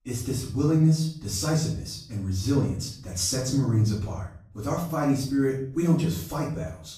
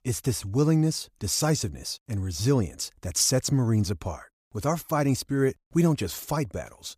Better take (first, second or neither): second